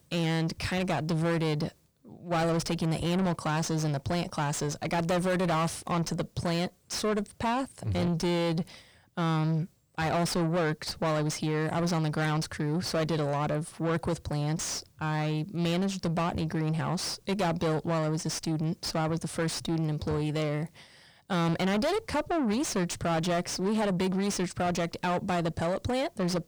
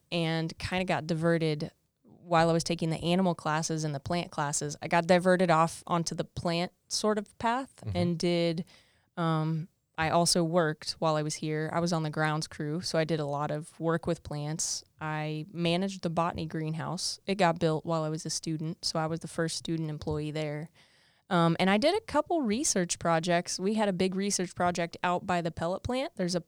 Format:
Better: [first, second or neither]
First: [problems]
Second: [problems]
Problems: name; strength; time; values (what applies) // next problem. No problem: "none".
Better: second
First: distortion; heavy; 6 dB below the speech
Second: none